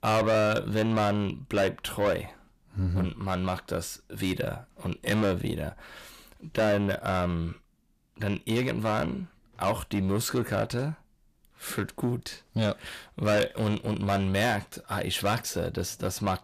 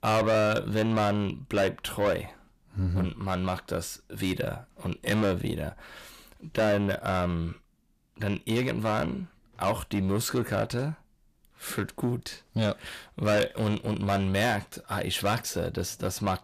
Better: neither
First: distortion; heavy; 6 dB below the speech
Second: distortion; heavy; 6 dB below the speech

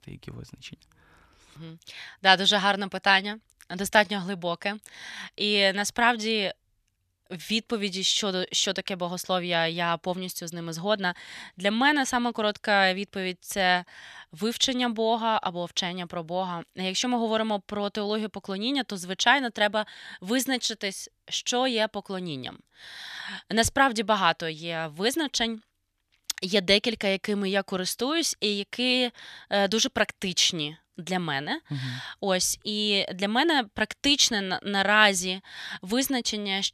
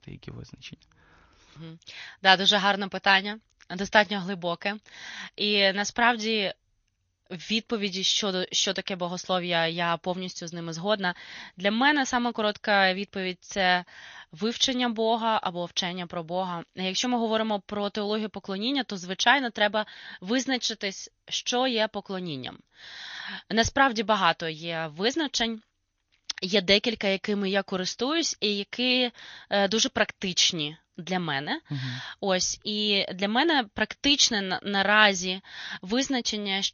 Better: first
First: none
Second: garbled, watery; slightly; nothing above 6.5 kHz

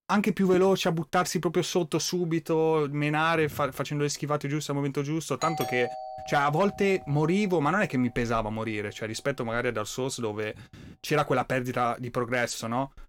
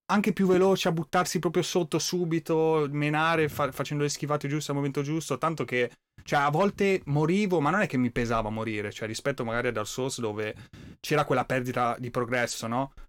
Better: second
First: doorbell; noticeable; from 5.5 to 7.5 s; peak 6 dB below the speech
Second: none

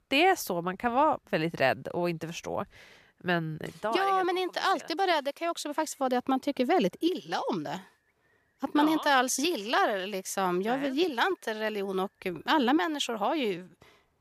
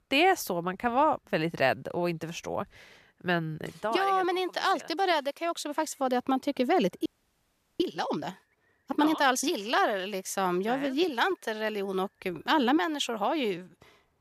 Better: first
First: none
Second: audio freezing; at 7 s for 0.5 s

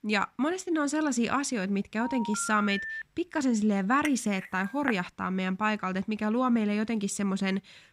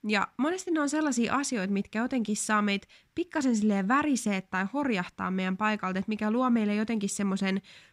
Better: second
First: phone ringing; noticeable; from 2 to 3 s; peak 6 dB below the speech // clattering dishes; noticeable; at 4 s; peak 7 dB below the speech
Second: none

